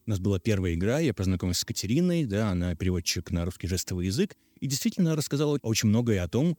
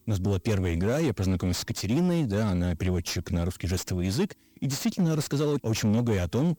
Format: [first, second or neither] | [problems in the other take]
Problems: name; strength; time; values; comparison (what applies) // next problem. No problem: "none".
first | distortion; slight; 10 dB below the speech